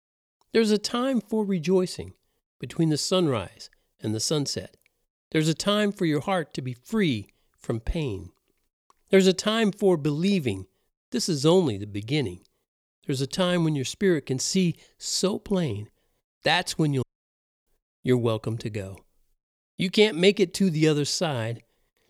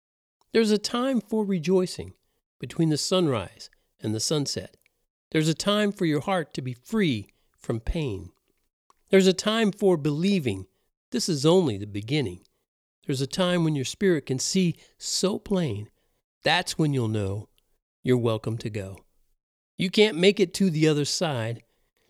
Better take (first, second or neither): second